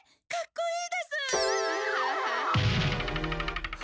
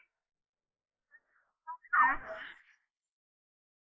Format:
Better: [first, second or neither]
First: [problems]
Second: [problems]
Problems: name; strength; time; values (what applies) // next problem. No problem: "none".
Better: first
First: none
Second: noise reduction (neural mask model Resemble Enhance denoiser)